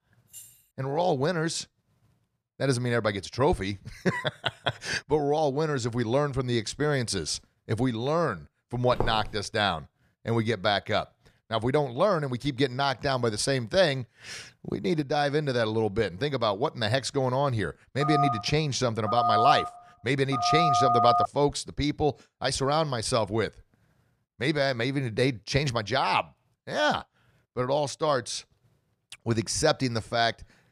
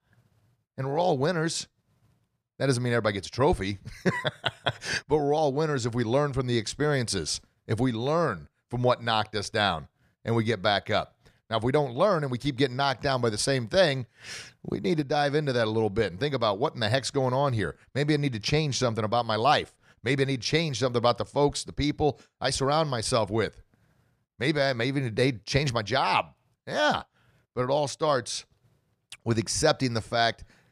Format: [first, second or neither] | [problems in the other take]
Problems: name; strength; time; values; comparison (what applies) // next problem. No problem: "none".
second | jangling keys; faint; at 0.5 s; peak 20 dB below the speech // footsteps; noticeable; at 9 s; peak 7 dB below the speech // phone ringing; loud; from 18 to 21 s; peak 5 dB above the speech